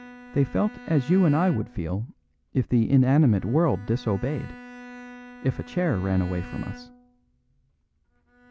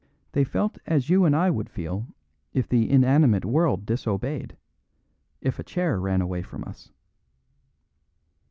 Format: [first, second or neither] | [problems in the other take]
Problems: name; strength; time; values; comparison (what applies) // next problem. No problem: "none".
second | background sound (Bowed string instrument); 19 dB below the speech